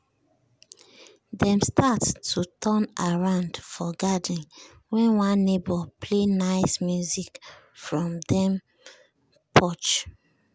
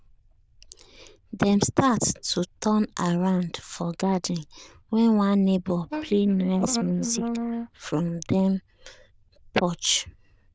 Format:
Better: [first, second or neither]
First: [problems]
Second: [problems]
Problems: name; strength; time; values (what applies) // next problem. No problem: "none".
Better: first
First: none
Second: noise reduction (neural diffusion model UNIVERSE++)